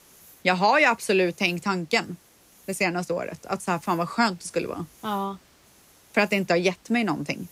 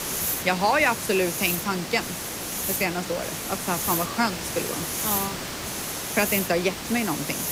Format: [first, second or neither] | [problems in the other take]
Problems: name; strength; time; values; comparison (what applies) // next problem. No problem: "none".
first | hiss; loud; throughout; 2 dB below the speech; faint in the first